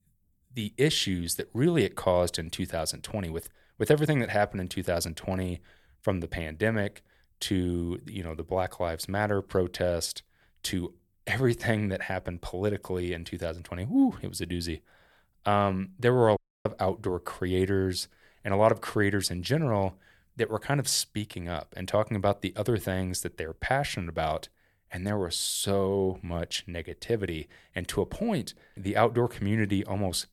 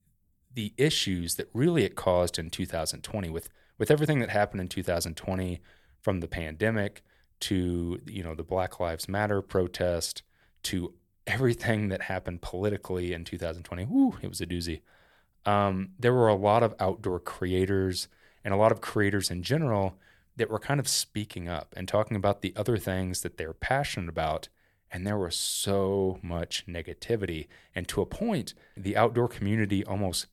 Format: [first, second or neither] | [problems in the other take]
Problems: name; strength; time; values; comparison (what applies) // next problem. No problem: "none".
second | audio cutting out; at 16 s